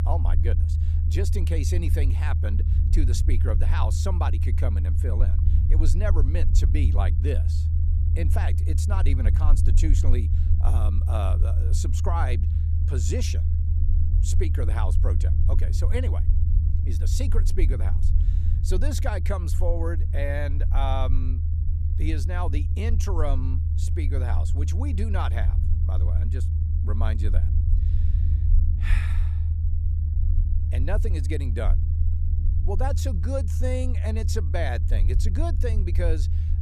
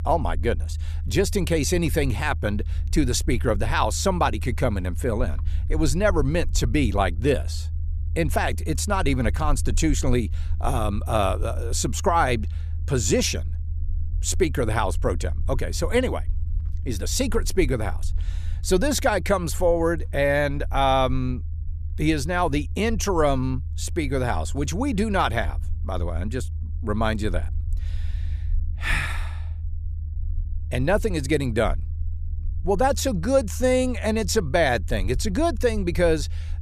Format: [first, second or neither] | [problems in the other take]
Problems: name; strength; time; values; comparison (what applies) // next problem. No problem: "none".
second | low rumble; loud; throughout; 6 dB below the speech; faint in the second